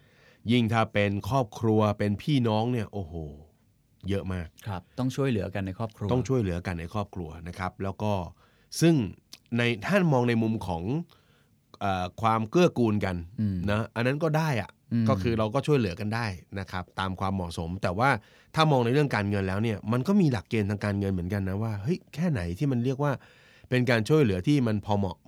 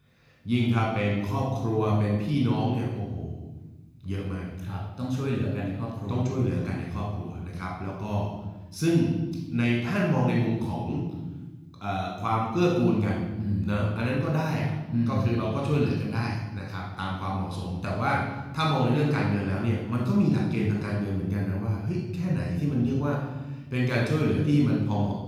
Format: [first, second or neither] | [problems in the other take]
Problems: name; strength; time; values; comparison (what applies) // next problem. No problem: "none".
first | room echo; noticeable; dies away in 1.2 s // off-mic speech; far